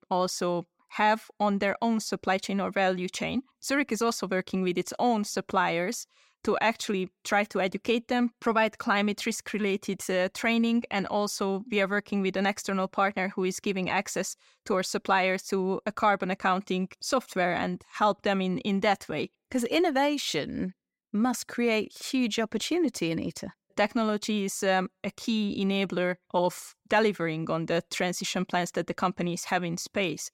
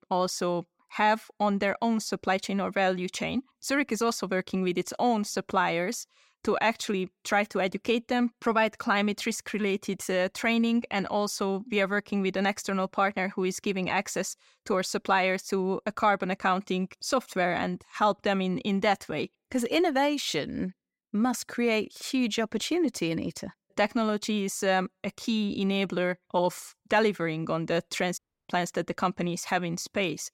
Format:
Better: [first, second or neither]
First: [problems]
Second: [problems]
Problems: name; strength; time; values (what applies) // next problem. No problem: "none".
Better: first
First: none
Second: audio cutting out; at 28 s